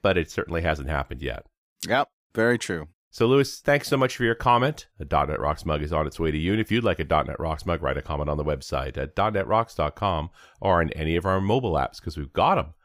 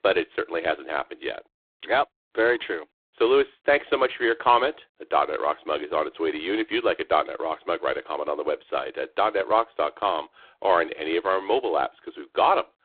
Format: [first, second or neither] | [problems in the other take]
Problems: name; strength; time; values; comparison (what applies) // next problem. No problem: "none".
first | phone-call audio; poor line